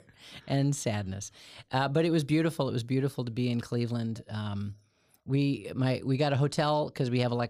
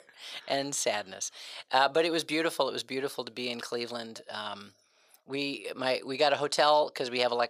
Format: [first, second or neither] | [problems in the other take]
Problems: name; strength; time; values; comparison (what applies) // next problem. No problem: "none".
first | thin; very; fading below 600 Hz